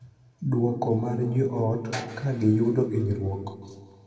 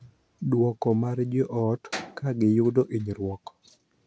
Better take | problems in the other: second | room echo; dies away in 1.9 s

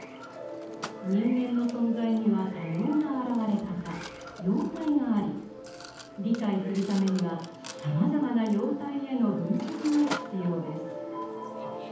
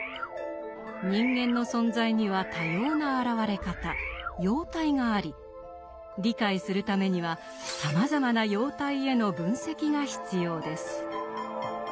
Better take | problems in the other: second | background sound (Mechanisms); 16 dB below the speech // room echo; dies away in 0.8 s

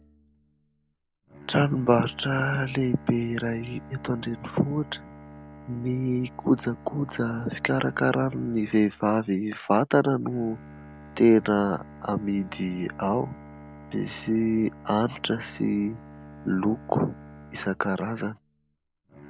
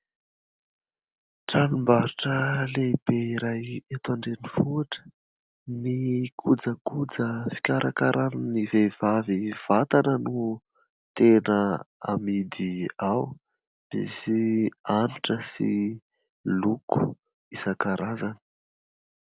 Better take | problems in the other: second | background sound (Bowed string instrument); 19 dB below the speech

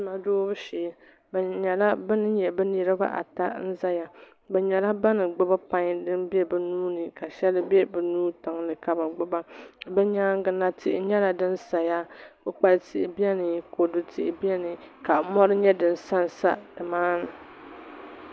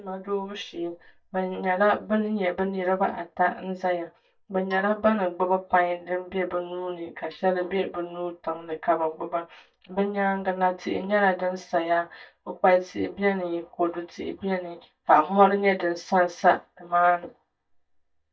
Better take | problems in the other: first | noise reduction (neural mask model DeepFilterNet 3)

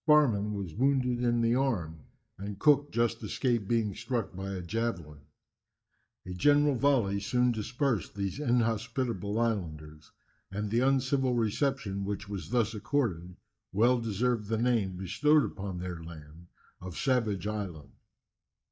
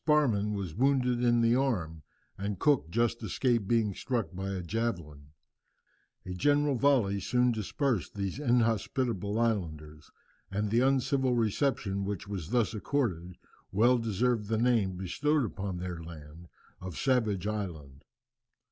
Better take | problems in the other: second | noise reduction (neural mask model DeepFilterNet 3)

